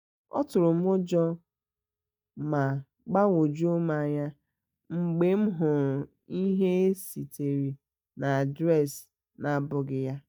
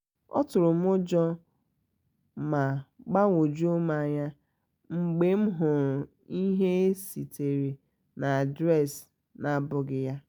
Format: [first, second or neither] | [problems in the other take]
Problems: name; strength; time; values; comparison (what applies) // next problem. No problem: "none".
second | noise reduction (neural mask model DeepFilterNet 3)